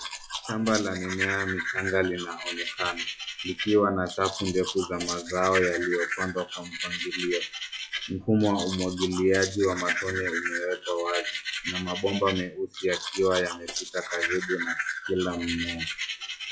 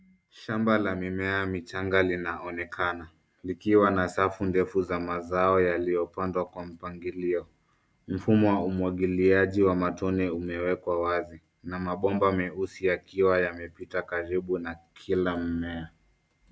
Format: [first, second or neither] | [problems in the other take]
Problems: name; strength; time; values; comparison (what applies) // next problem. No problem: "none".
second | noise reduction (classical method log-MMSE)